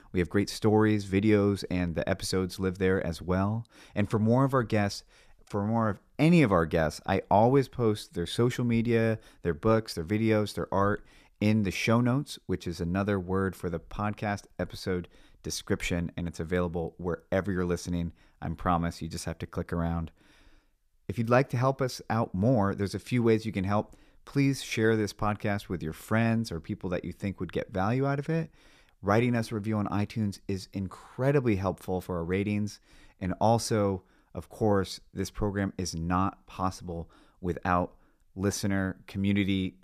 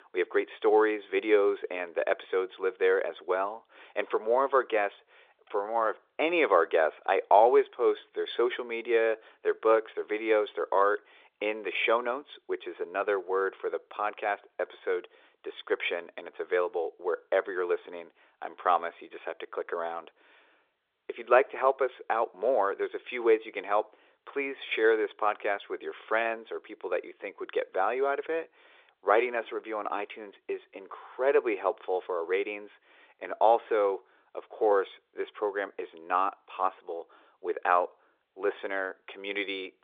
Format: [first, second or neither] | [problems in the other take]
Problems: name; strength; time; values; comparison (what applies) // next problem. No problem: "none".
first | phone-call audio